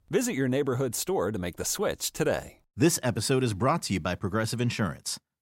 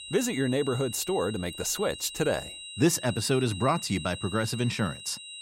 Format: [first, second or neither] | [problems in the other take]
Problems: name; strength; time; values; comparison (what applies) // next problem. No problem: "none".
first | high-pitched whine; noticeable; throughout; 4 kHz, 10 dB below the speech